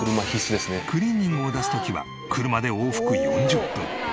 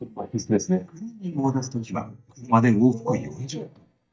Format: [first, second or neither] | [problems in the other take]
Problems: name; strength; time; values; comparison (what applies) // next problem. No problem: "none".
first | noise reduction (neural mask model DeepFilterNet 3)